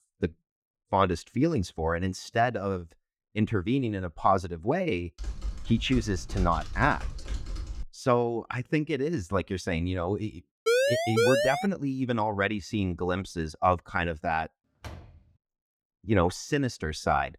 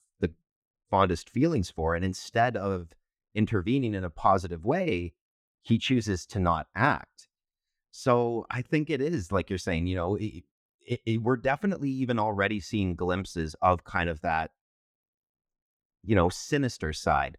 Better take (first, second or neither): second